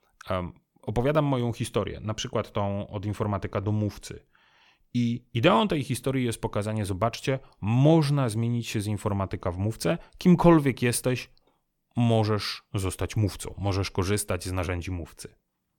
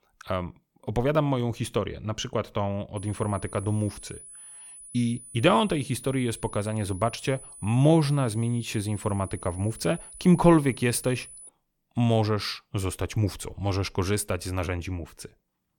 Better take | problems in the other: first | high-pitched whine; noticeable; from 3 to 11 s; 10 kHz, 15 dB below the speech

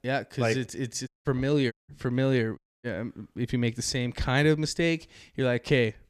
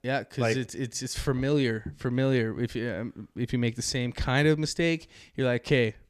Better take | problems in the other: second | audio cutting out; at 1 s, at 1.5 s and at 2.5 s

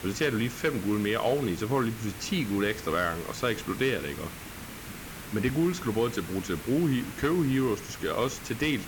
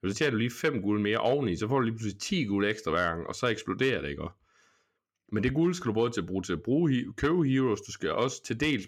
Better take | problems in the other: second | hiss; noticeable; throughout; 10 dB below the speech

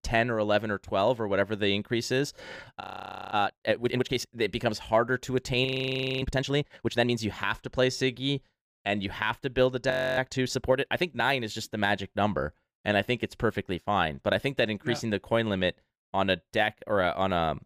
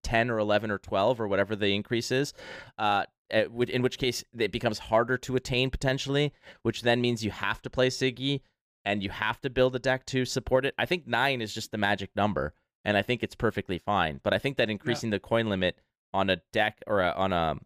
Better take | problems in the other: second | audio freezing; at 3 s for 0.5 s, at 5.5 s for 0.5 s and at 10 s

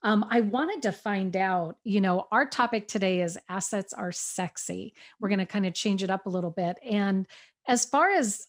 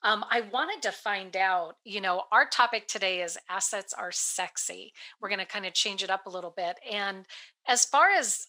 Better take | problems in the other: first | thin; very; fading below 800 Hz

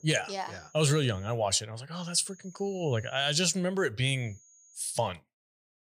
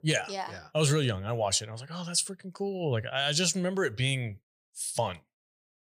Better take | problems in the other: second | high-pitched whine; faint; until 1.5 s, from 2 to 3.5 s and at 4 s; 6.5 kHz, 25 dB below the speech

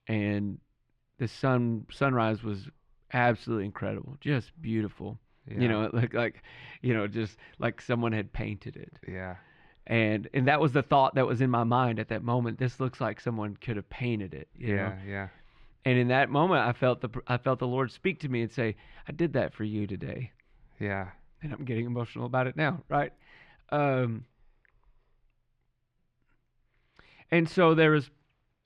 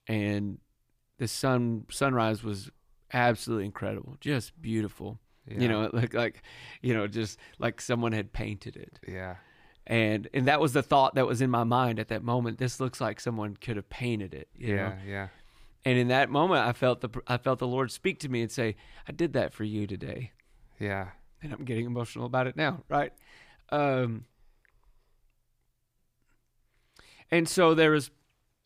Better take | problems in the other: second | muffled; slightly; fading above 2.5 kHz

